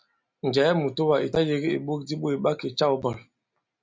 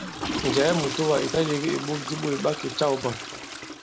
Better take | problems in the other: first | background sound (Toilet flush / Water); 6 dB below the speech

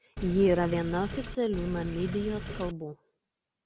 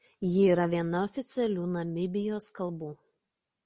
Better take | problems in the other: second | background sound (Sink (filling or washing)); 8 dB below the speech

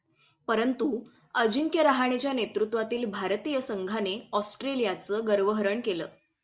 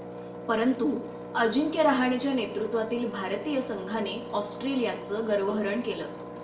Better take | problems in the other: first | background sound (Engine); 11 dB below the speech // room echo; dies away in 0.5 s

